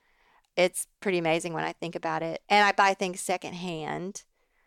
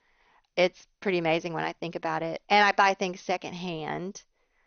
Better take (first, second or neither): first